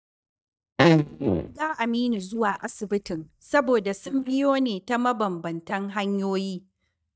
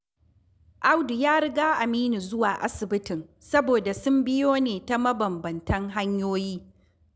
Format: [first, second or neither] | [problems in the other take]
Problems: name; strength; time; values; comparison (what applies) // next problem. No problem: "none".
second | noise reduction (neural mask model DeepFilterNet 3)